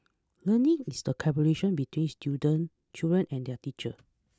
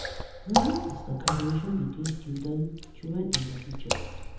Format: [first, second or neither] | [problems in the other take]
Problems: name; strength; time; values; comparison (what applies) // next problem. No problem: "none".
first | background sound (Water / Splash, splatter); as loud as the speech // room echo; dies away in 1.3 s